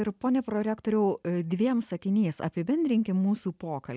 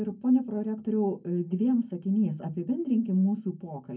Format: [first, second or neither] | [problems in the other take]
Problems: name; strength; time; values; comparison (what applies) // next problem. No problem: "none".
first | room echo; dies away in 0.3 s